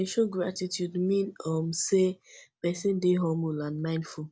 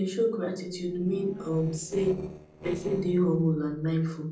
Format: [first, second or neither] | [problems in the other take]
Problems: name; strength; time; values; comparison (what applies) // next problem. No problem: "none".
first | noise reduction (neural separator model SepFormer DNS4)